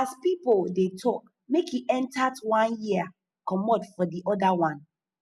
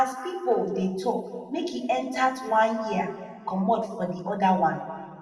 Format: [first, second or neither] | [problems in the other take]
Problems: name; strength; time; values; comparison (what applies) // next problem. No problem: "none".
first | room echo; dies away in 1.7 s